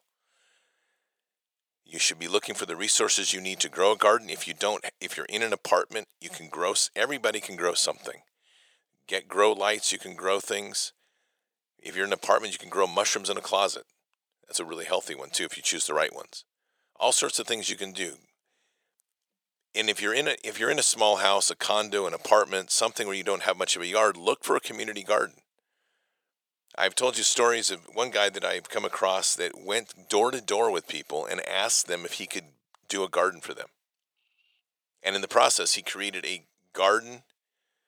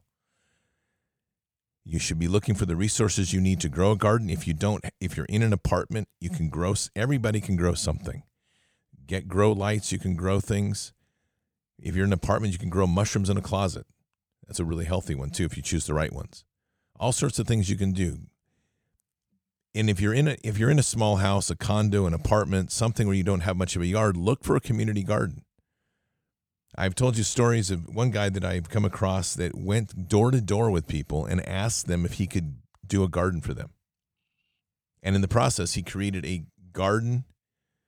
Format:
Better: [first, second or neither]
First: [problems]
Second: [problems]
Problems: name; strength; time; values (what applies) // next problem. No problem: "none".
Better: second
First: thin; very; fading below 500 Hz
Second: none